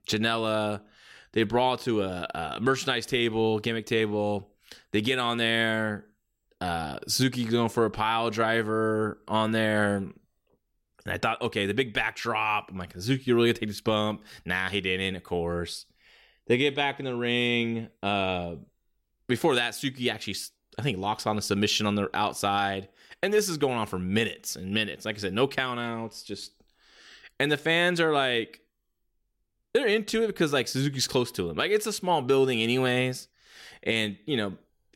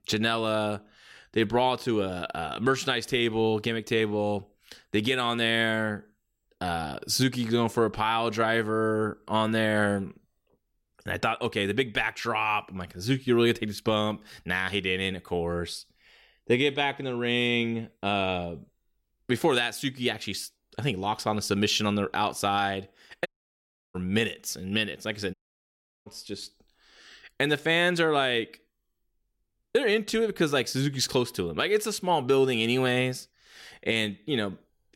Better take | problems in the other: first | audio cutting out; at 23 s for 0.5 s and at 25 s for 0.5 s

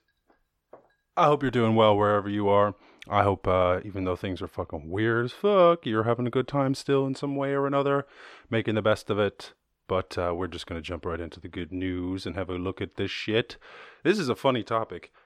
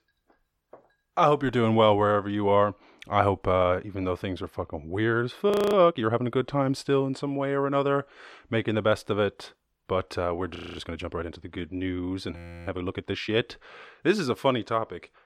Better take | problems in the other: first | audio freezing; at 5.5 s, at 11 s and at 12 s

